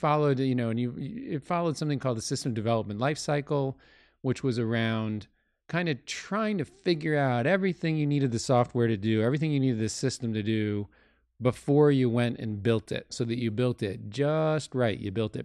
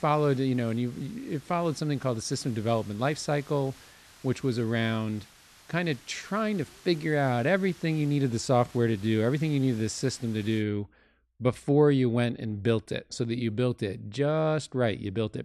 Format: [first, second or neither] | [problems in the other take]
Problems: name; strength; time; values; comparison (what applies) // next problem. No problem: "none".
first | hiss; faint; until 11 s; 25 dB below the speech